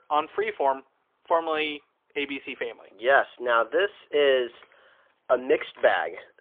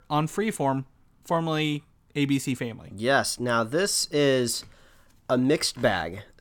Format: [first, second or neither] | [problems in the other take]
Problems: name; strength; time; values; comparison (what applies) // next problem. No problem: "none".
second | phone-call audio; poor line; nothing above 3.5 kHz